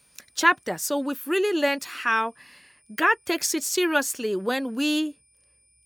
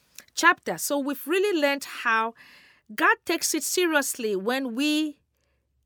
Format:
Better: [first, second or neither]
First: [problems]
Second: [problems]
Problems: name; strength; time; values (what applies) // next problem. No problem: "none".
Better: second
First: high-pitched whine; faint; throughout; 9.5 kHz, 35 dB below the speech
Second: none